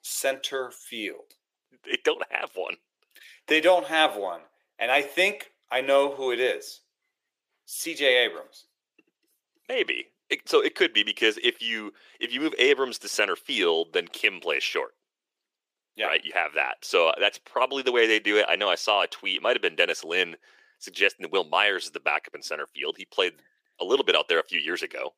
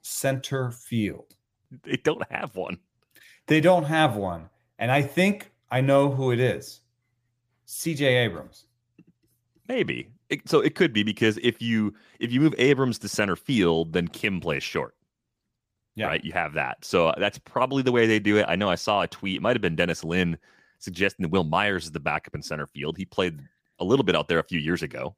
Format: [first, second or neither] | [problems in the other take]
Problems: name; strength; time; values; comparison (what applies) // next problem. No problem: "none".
second | thin; very; fading below 400 Hz